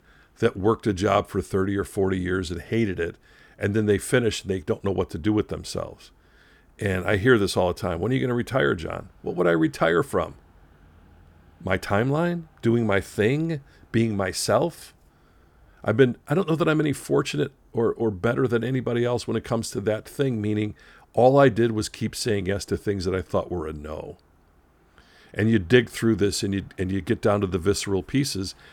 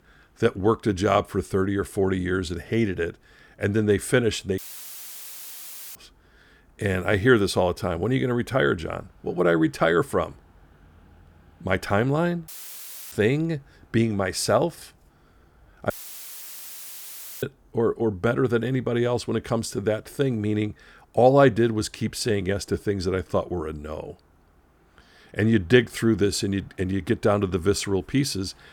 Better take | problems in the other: first | audio cutting out; filled with static; at 4.5 s for 1.5 s, at 12 s for 0.5 s and at 16 s for 1.5 s

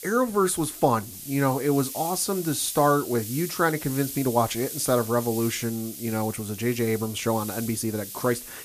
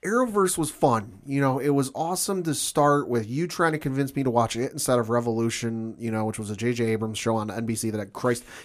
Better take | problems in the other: second | hiss; loud; throughout; 10 dB below the speech

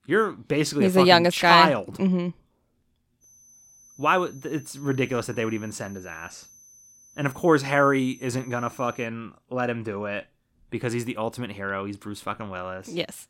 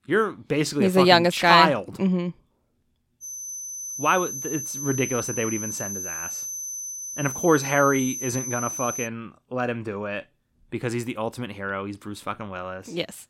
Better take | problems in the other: first | high-pitched whine; loud; from 3 to 9 s; 6 kHz, 6 dB below the speech; faint in the first

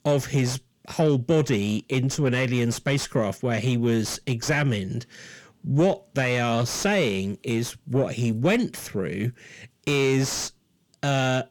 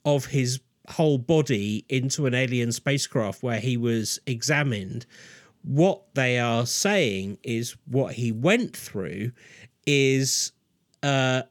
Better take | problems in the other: second | distortion; slight; 10 dB below the speech

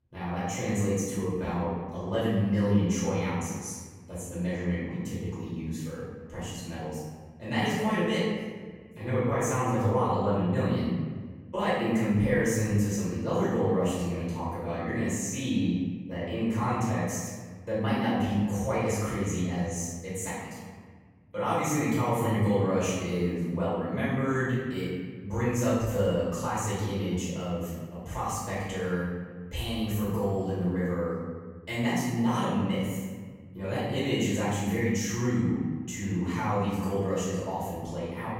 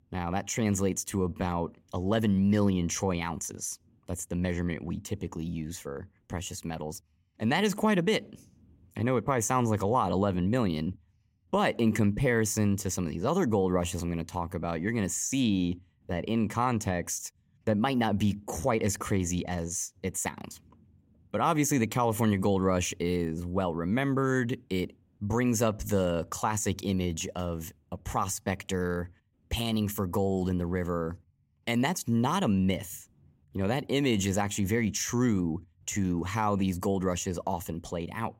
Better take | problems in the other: second | off-mic speech; far // room echo; strong; dies away in 1.4 s

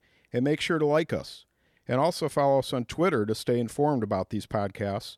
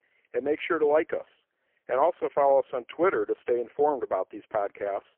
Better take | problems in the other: first | phone-call audio; poor line; nothing above 3 kHz

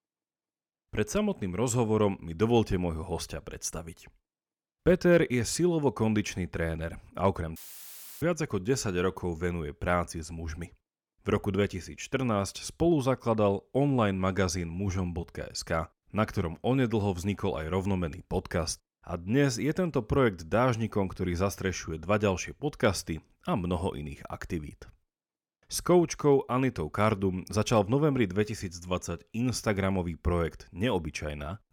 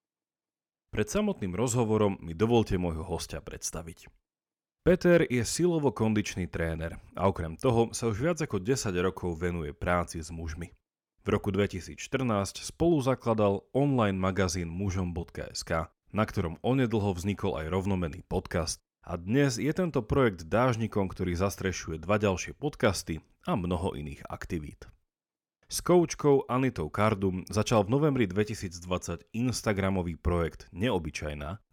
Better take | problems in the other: second | audio cutting out; filled with static; at 7.5 s for 0.5 s

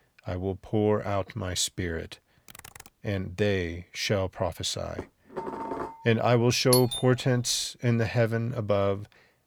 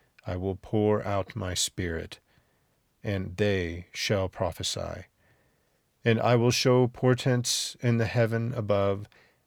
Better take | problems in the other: second | keyboard typing; faint; at 2.5 s; peak 20 dB below the speech // clattering dishes; noticeable; at 5 s; peak 7 dB below the speech // doorbell; loud; at 6.5 s; peak level with the speech

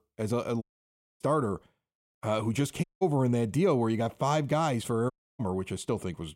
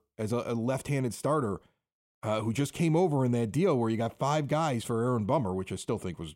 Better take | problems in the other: second | audio cutting out; at 0.5 s for 0.5 s, at 3 s and at 5 s

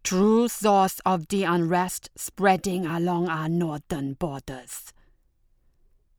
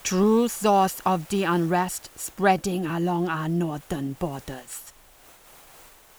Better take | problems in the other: first | hiss; faint; throughout; 25 dB below the speech

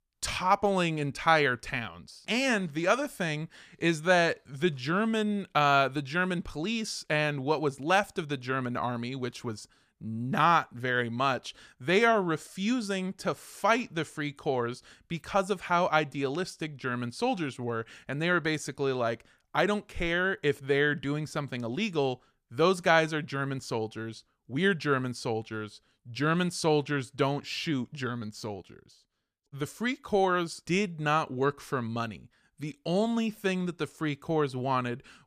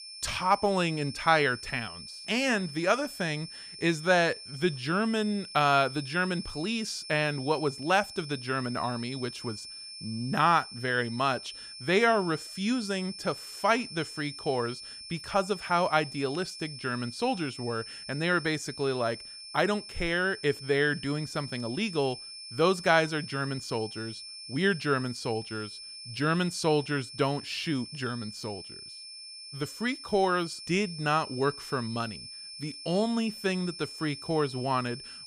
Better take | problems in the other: first | high-pitched whine; noticeable; throughout; 5.5 kHz, 10 dB below the speech

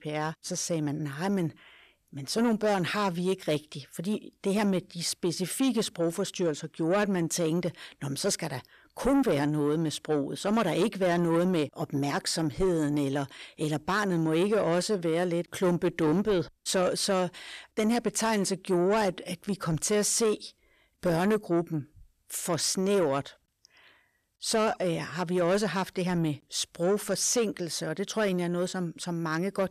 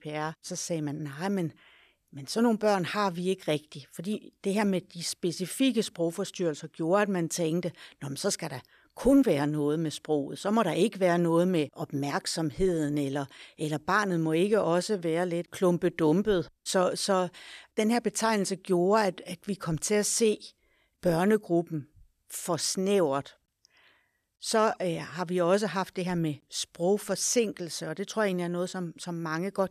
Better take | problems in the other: second | distortion; slight; 10 dB below the speech

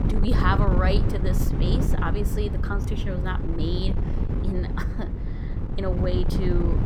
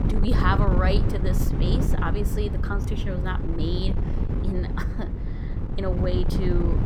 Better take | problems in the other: neither | wind noise on the microphone; heavy; 5 dB below the speech; the same in both

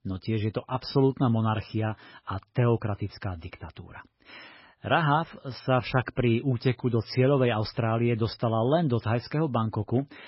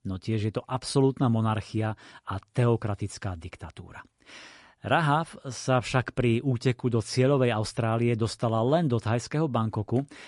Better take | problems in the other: second | garbled, watery; badly; nothing above 5.5 kHz; slightly in the second

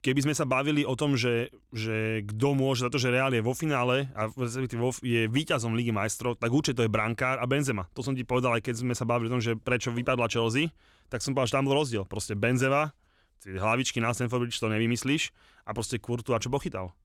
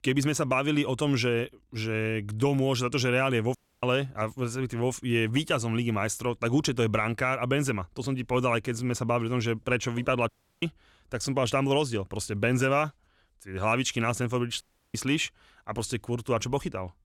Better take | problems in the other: first | audio cutting out; at 3.5 s, at 10 s and at 15 s

